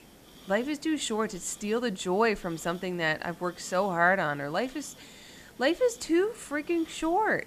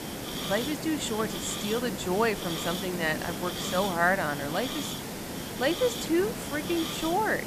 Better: first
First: hiss; faint; throughout; 25 dB below the speech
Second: hiss; loud; throughout; 4 dB below the speech

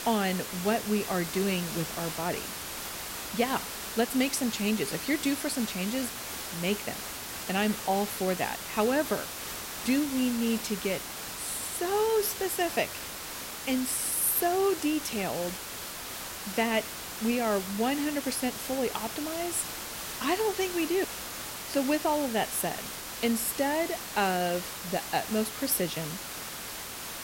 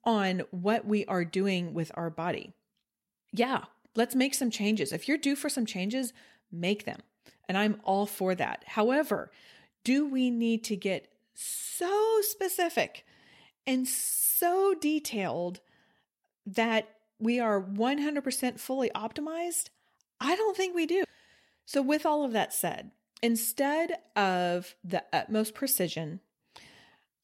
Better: second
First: hiss; loud; throughout; 6 dB below the speech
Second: none

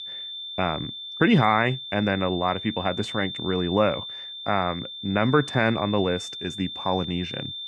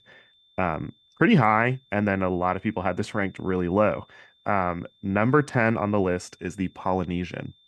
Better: second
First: high-pitched whine; loud; throughout; 3.5 kHz, 9 dB below the speech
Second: high-pitched whine; faint; throughout; 3.5 kHz, 35 dB below the speech

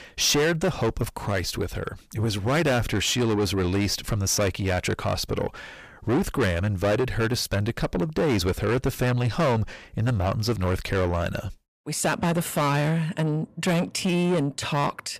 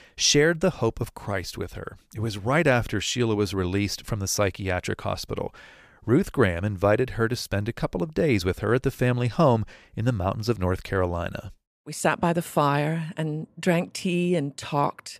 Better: second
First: distortion; heavy; 7 dB below the speech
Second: none

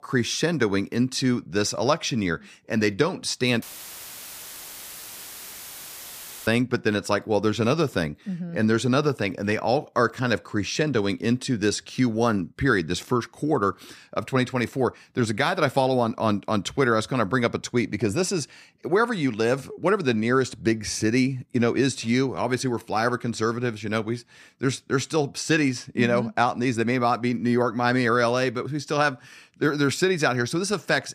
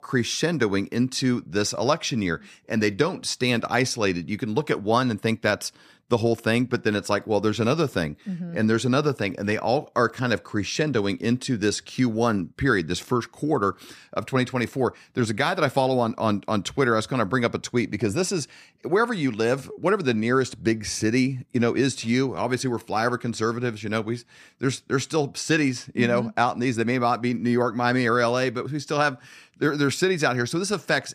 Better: second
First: audio cutting out; filled with static; at 3.5 s for 3 s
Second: none

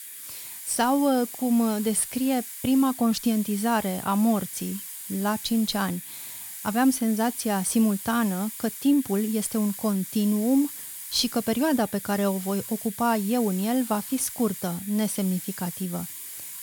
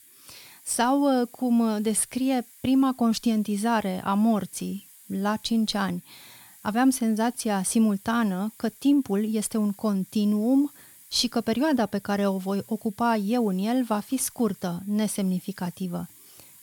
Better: second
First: hiss; loud; throughout; 10 dB below the speech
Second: hiss; faint; throughout; 25 dB below the speech

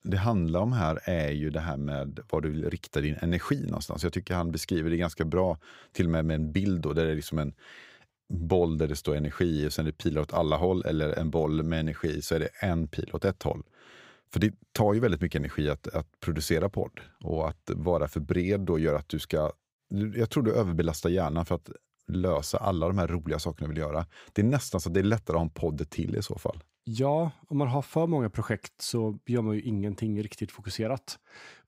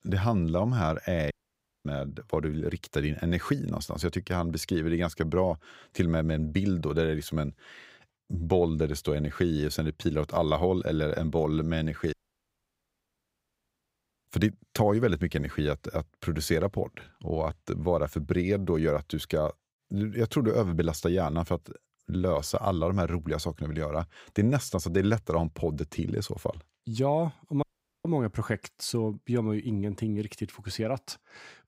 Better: first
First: none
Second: audio cutting out; at 1.5 s for 0.5 s, at 12 s for 2 s and at 28 s

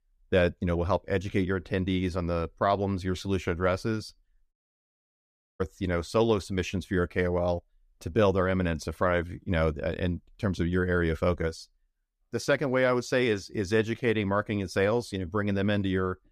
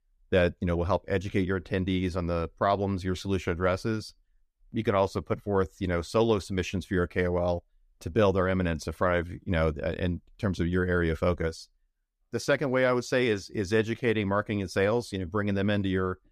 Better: second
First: audio cutting out; at 4.5 s for 1 s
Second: none

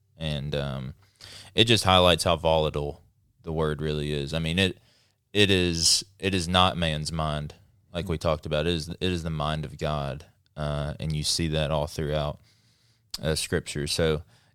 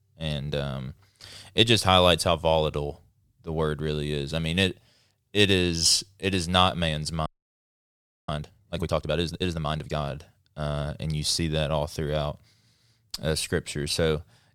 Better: first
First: none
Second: audio freezing; at 7.5 s for 1 s

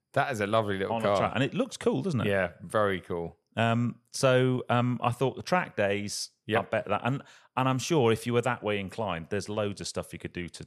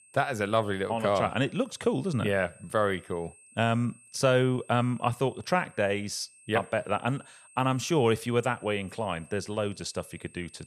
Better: first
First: none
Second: high-pitched whine; faint; throughout; 8.5 kHz, 25 dB below the speech

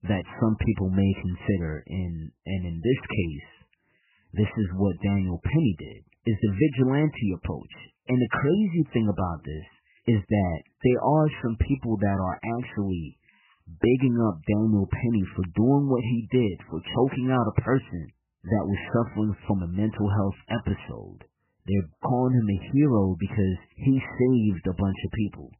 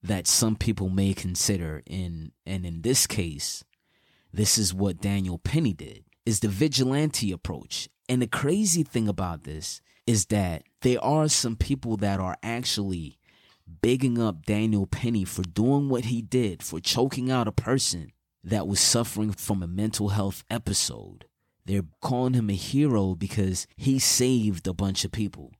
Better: second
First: garbled, watery; badly; nothing above 3 kHz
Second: none

